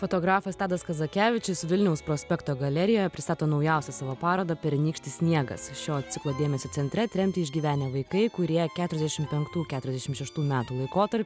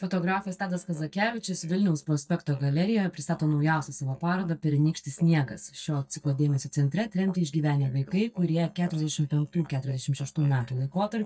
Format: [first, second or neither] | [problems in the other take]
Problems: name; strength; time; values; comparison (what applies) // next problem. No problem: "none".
first | noise reduction (neural mask model DeepFilterNet 3)